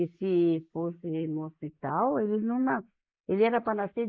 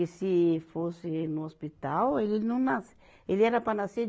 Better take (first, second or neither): second